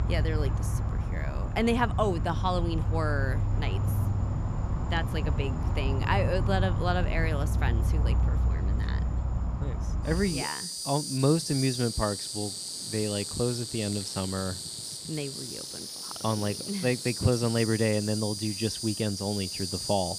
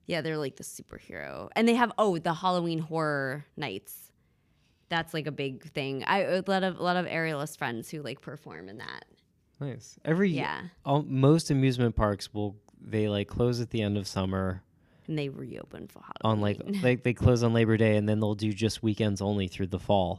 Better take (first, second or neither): second